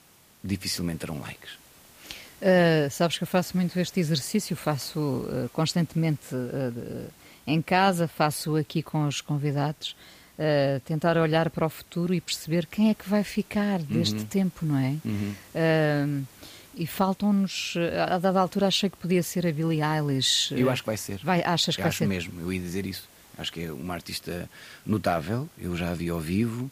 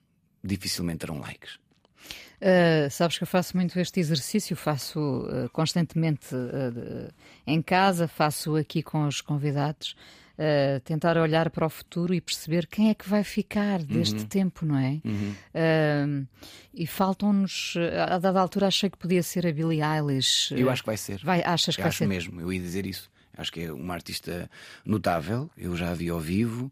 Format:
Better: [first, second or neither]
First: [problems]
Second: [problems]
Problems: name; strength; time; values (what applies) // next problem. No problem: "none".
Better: second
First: hiss; faint; throughout; 25 dB below the speech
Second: none